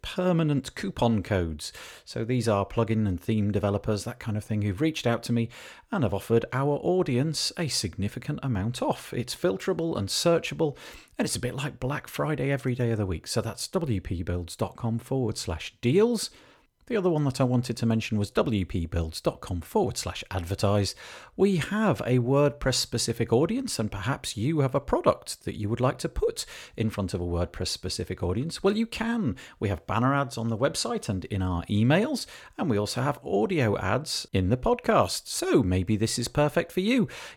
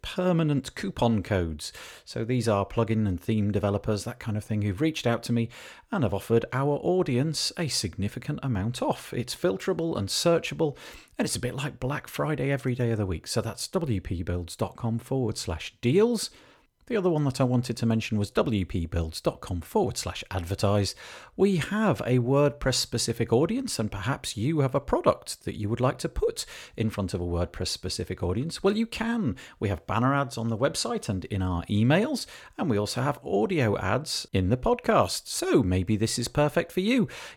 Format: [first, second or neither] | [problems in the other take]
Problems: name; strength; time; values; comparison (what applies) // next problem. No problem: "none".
neither | none